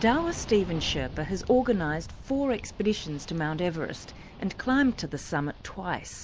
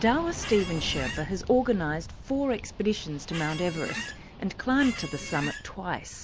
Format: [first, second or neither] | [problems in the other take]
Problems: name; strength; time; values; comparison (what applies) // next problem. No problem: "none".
first | background sound (Squeak); 9 dB below the speech